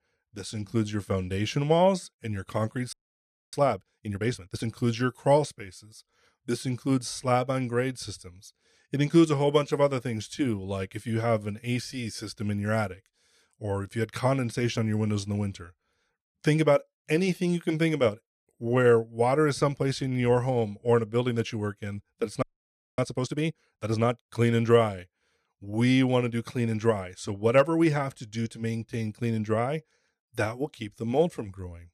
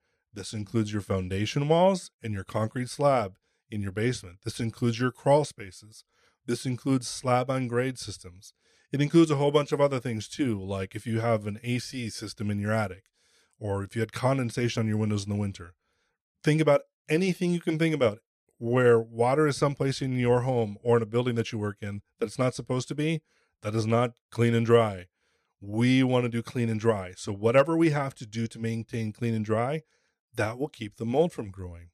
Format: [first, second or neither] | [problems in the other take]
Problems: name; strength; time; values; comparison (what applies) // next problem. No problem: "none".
second | audio freezing; at 3 s for 0.5 s and at 22 s for 0.5 s